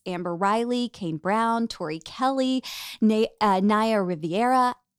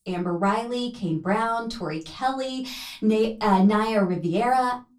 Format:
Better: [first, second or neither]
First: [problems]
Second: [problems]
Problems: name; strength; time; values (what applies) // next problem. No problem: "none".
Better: first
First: none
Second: off-mic speech; far // room echo; very slight; dies away in 0.2 s